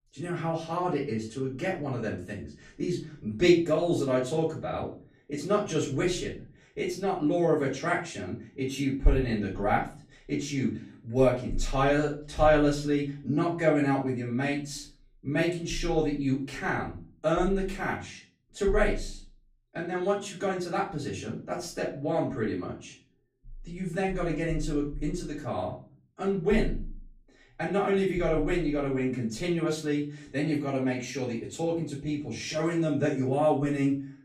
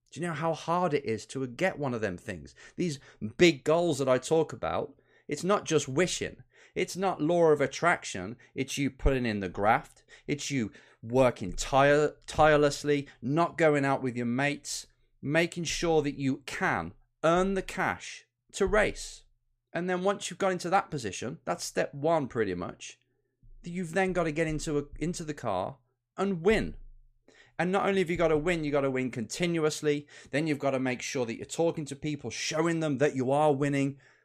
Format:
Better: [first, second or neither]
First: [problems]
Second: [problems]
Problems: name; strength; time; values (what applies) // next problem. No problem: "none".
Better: second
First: off-mic speech; far // room echo; slight; dies away in 0.4 s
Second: none